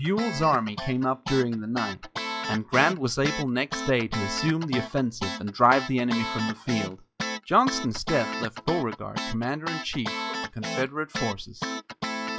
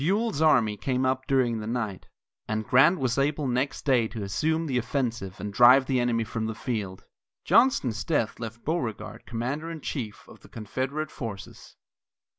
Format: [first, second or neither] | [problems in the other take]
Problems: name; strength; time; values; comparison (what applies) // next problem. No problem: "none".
second | noise reduction (classical method log-MMSE)